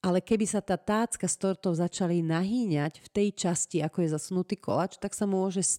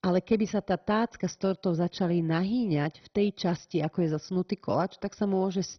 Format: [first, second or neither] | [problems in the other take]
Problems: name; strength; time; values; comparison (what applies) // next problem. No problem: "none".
first | garbled, watery; badly; nothing above 6 kHz